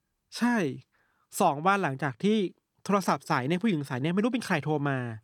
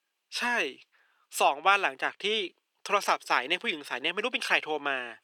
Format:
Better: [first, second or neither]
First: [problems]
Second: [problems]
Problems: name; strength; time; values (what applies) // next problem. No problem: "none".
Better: first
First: none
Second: thin; very; fading below 400 Hz